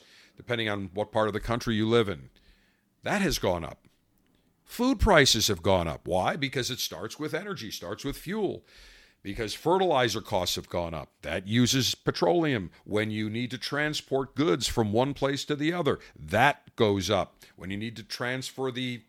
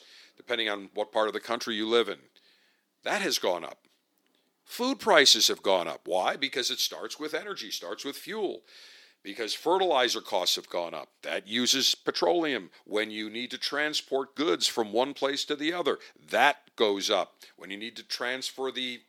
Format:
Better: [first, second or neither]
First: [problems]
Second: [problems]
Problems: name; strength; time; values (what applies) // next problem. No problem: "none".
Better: first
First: none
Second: thin; somewhat; fading below 300 Hz